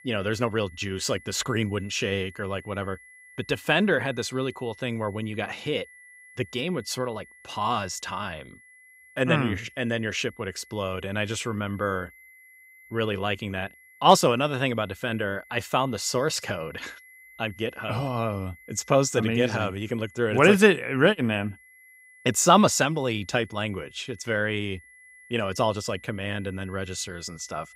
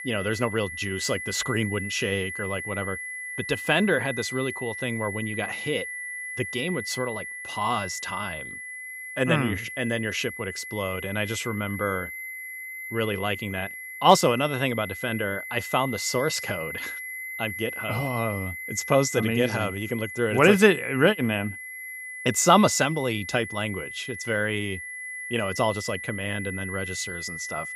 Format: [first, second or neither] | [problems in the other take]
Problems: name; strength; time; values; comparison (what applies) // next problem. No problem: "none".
first | high-pitched whine; loud; throughout; 2 kHz, 8 dB below the speech; faint in the first